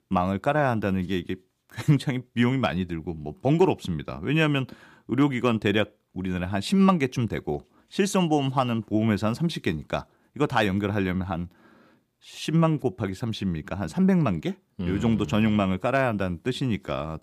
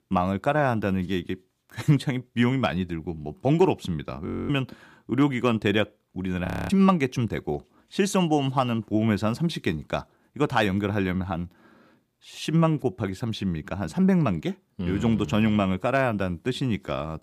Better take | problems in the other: first | audio freezing; at 4.5 s and at 6.5 s

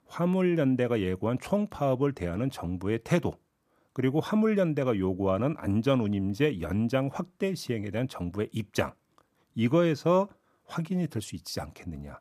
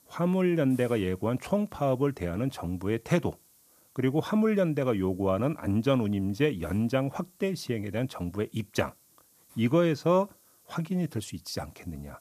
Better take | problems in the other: first | hiss; faint; throughout; 30 dB below the speech

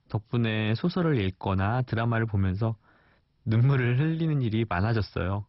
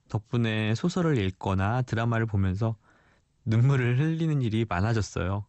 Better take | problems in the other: second | garbled, watery; badly; nothing above 5.5 kHz; slightly in the second

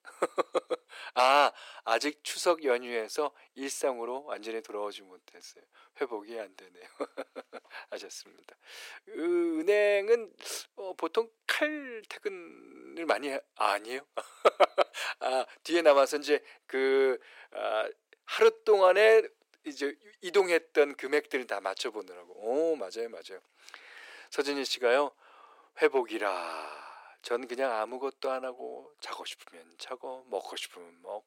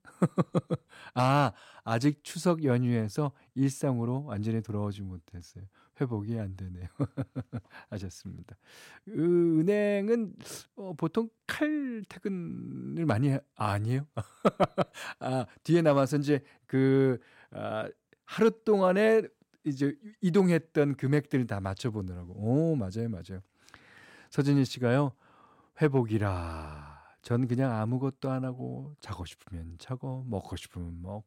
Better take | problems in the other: second | thin; very; fading below 400 Hz

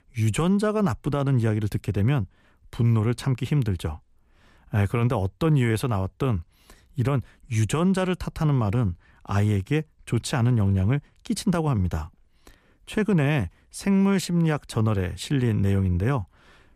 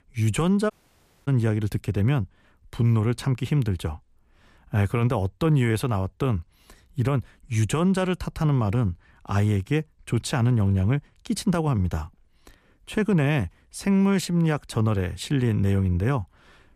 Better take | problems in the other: first | audio cutting out; at 0.5 s for 0.5 s

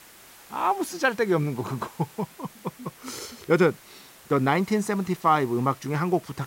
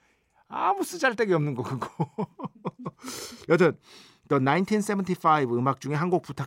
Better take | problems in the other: second | hiss; faint; throughout; 25 dB below the speech

